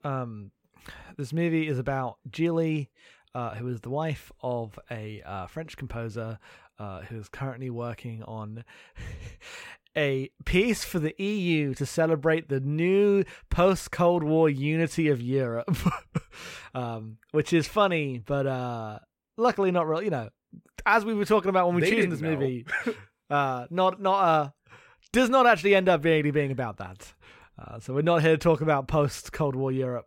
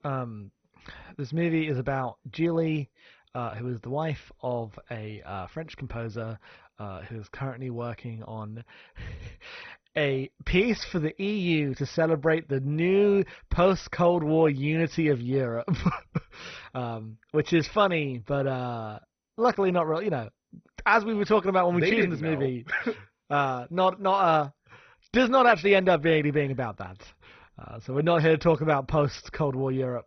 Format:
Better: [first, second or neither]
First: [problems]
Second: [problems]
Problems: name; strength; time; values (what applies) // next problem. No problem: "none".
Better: first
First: none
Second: garbled, watery; badly; nothing above 6 kHz